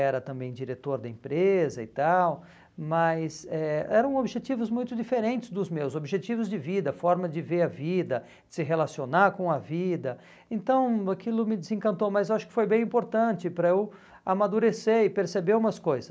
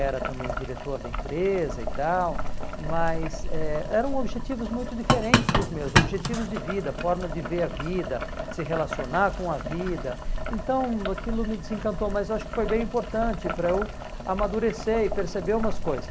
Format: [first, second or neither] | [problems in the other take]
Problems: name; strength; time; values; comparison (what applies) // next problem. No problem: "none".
first | background sound (Boiling); as loud as the speech